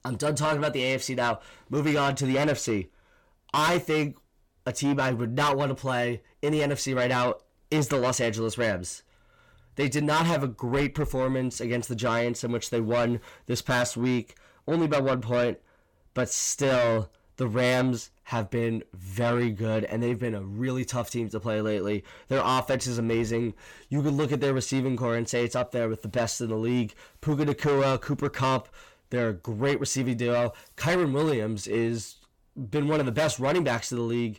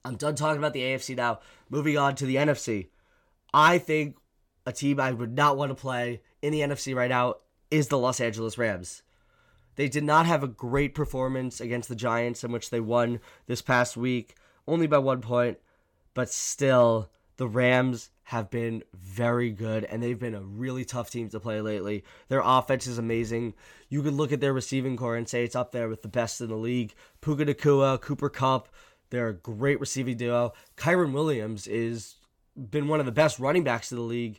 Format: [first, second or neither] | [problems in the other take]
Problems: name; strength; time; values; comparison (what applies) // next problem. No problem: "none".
second | distortion; heavy; 8 dB below the speech